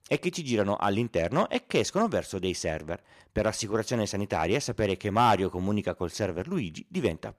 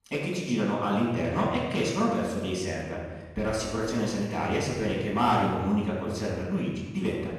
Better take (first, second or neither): first